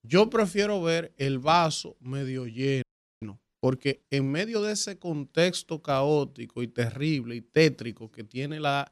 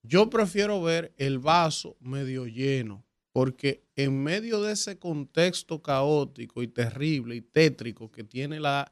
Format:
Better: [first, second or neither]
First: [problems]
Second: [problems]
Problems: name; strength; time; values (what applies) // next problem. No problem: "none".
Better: second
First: audio freezing; at 3 s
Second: none